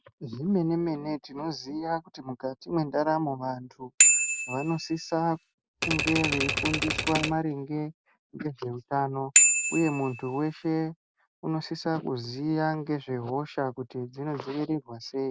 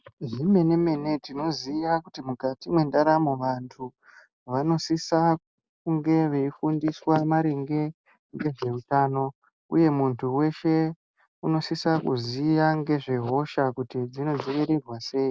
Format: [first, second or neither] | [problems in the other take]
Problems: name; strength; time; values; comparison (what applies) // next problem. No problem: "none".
second | background sound (Typewriter + Bicycle bell); 3 dB above the speech